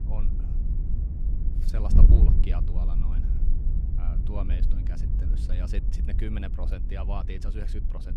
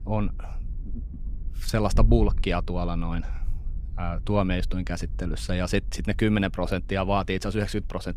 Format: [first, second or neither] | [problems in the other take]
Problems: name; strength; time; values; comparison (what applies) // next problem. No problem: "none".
second | wind noise on the microphone; heavy; 2 dB below the speech; occasional gusts in the second